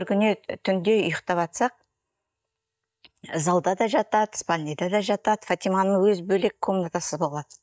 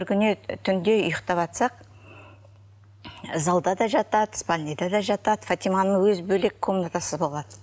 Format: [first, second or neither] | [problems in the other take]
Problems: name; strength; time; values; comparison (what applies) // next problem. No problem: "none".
second | noise reduction (neural mask model DeepFilterNet 3)